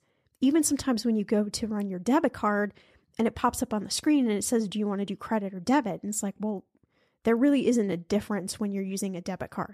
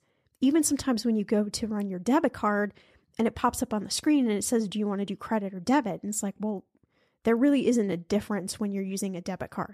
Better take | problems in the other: neither | none

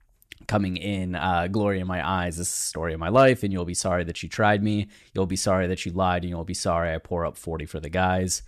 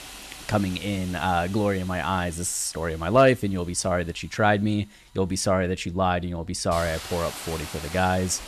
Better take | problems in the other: first | hiss; noticeable; throughout; 15 dB below the speech

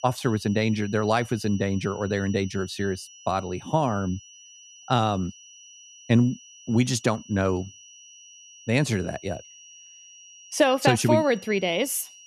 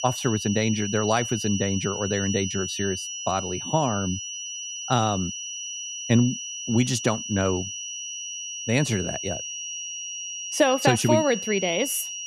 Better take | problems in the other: first | high-pitched whine; loud; throughout; 6 kHz, 6 dB below the speech; faint in the first

